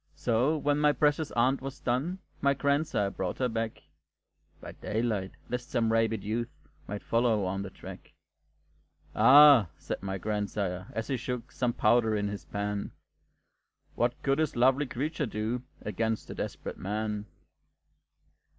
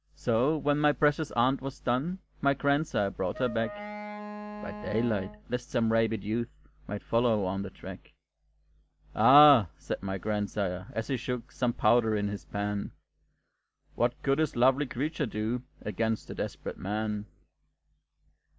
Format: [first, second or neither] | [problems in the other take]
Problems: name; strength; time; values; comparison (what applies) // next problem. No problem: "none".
first | background sound (Wind instrument, woodwind instrument); 11 dB below the speech